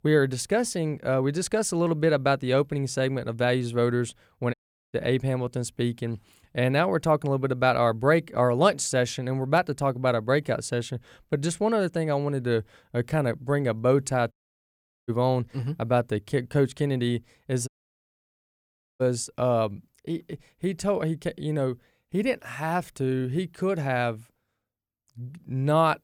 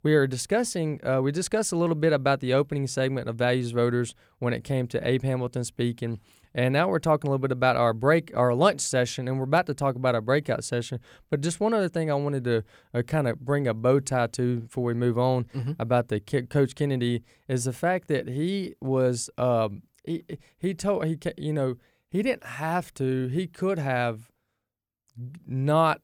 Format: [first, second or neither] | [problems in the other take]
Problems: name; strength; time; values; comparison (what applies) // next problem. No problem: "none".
second | audio cutting out; at 4.5 s, at 14 s for 1 s and at 18 s for 1.5 s